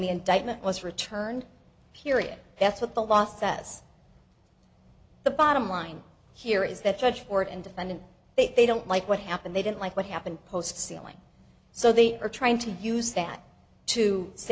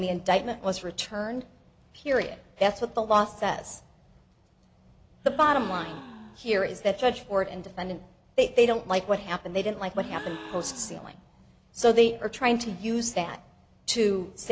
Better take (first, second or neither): first